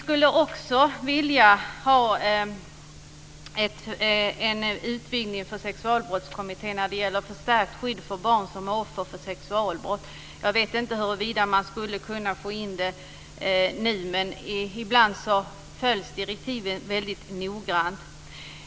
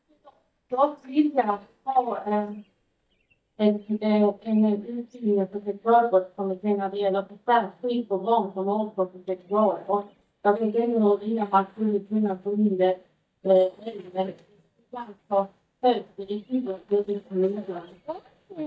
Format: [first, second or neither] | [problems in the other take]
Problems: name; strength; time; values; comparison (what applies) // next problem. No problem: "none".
first | noise reduction (neural mask model DeepFilterNet 3)